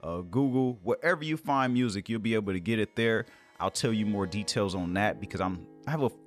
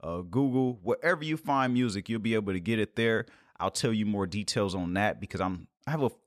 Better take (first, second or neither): second